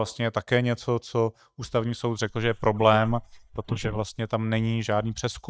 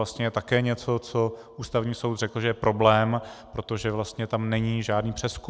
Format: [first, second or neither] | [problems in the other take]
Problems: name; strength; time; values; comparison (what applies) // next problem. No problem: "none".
second | noise reduction (neural mask model DeepFilterNet 3)